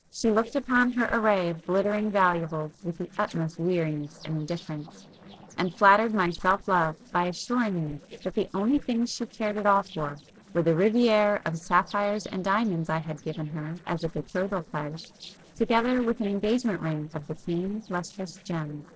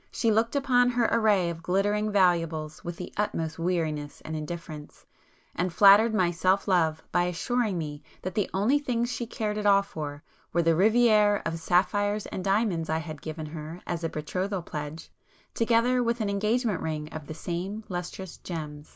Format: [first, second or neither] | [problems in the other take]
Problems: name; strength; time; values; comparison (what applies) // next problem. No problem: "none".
second | noise reduction (neural separator model SepFormer DNS4)